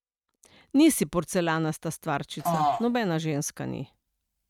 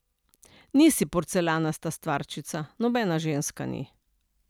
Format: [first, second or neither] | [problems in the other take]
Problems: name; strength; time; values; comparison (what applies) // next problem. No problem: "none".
second | noise reduction (neural mask model RNNoise)